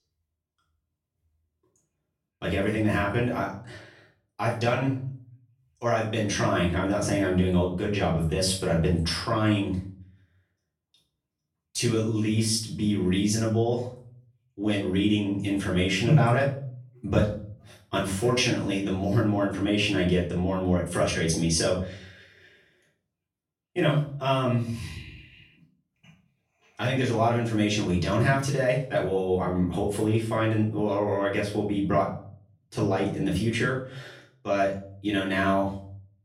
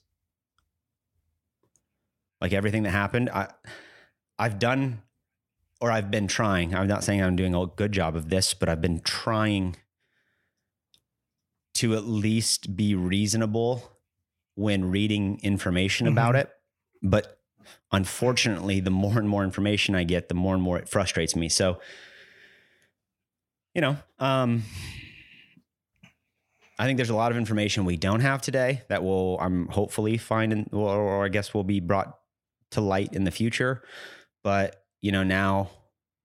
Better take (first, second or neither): second